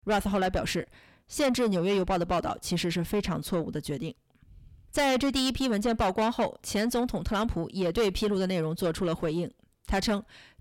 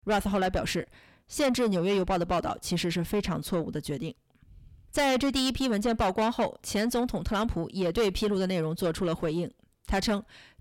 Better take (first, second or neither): neither